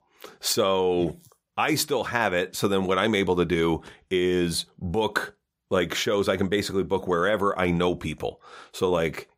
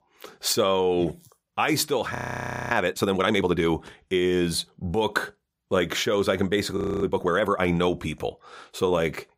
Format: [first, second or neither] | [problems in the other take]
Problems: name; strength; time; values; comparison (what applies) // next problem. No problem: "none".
first | audio freezing; at 2 s for 0.5 s and at 7 s